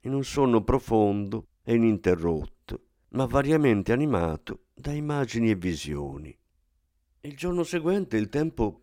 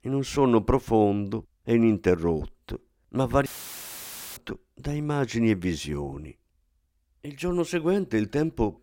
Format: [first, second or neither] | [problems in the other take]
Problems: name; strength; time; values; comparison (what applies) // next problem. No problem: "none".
first | audio cutting out; filled with static; at 3.5 s for 1 s